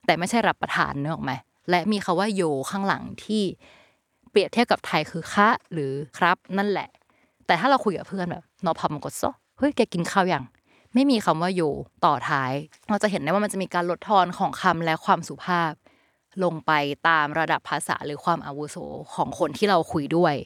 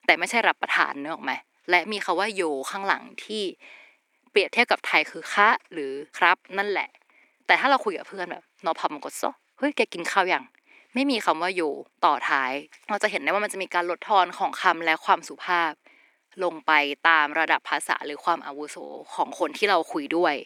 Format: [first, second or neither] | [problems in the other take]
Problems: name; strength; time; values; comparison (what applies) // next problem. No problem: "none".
first | thin; somewhat; fading below 300 Hz